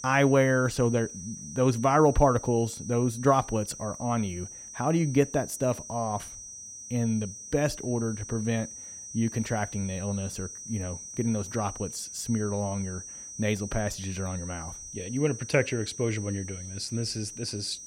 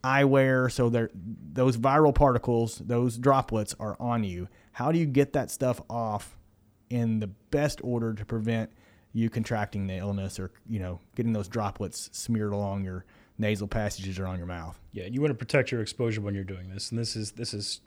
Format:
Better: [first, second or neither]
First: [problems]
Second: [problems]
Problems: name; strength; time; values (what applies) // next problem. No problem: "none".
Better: second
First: high-pitched whine; noticeable; throughout; 6 kHz, 10 dB below the speech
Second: none